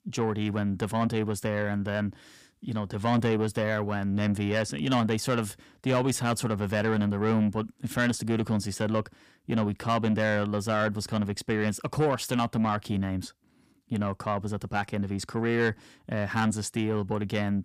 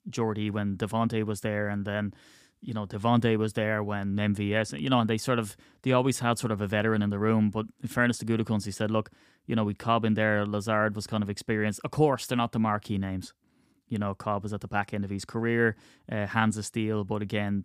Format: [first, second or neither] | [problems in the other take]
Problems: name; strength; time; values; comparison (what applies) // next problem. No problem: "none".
second | distortion; slight; 10 dB below the speech